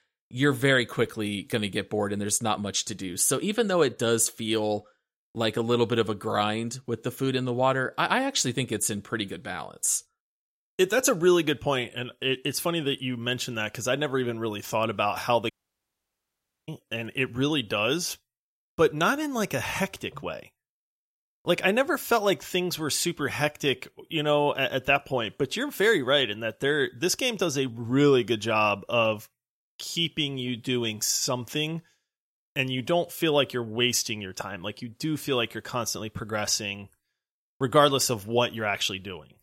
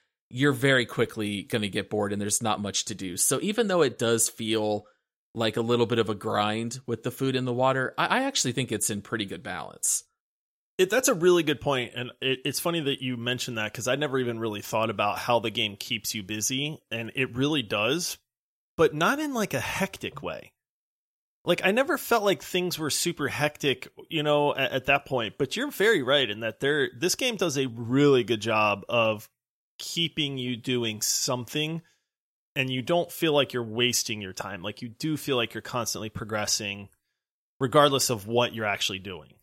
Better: second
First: audio cutting out; at 16 s for 1 s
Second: none

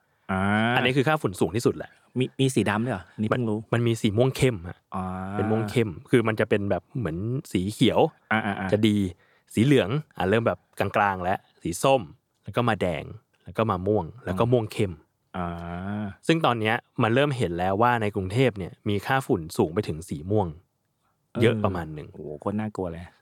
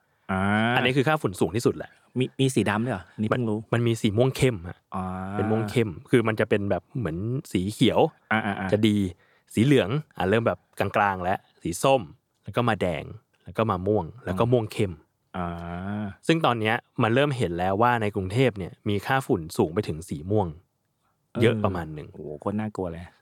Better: neither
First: none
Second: none

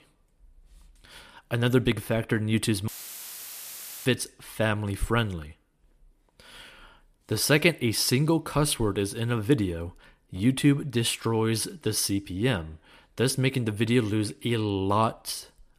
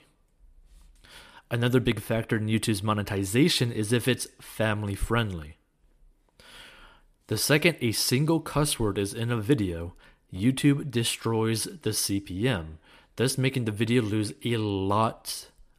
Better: second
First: audio cutting out; filled with static; at 3 s for 1 s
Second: none

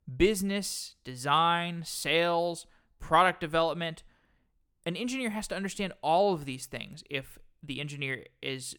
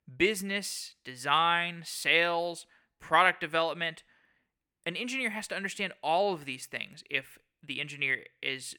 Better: first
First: none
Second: thin; very slightly; fading below 500 Hz

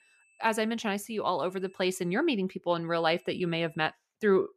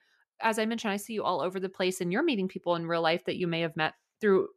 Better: second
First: high-pitched whine; faint; at the start, at 1.5 s and at 3 s; 2.5 kHz, 35 dB below the speech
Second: none

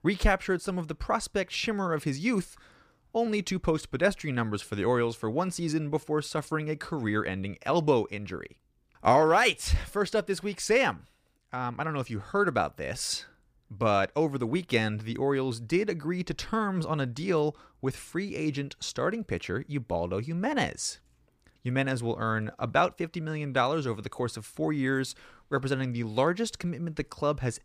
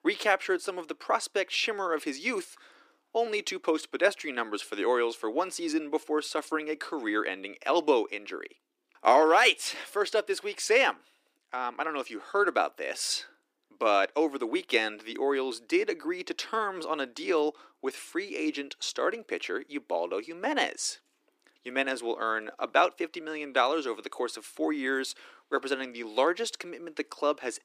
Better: first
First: none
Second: thin; somewhat; fading below 300 Hz

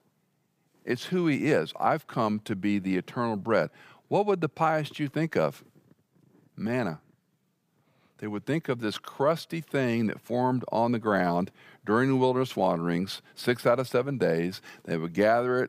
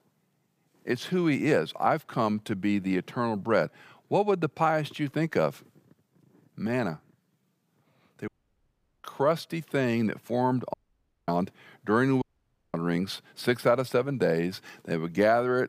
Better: first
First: none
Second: audio cutting out; at 8.5 s for 1 s, at 11 s for 0.5 s and at 12 s for 0.5 s

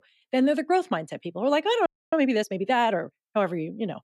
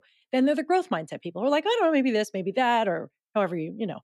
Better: second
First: audio freezing; at 2 s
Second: none

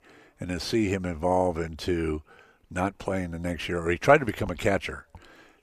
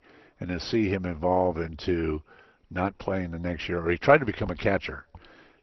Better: first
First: none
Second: garbled, watery; slightly; nothing above 6 kHz

